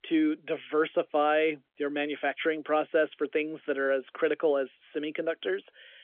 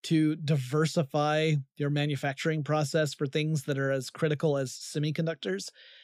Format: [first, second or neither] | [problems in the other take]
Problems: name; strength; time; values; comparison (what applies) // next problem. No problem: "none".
second | phone-call audio; nothing above 3.5 kHz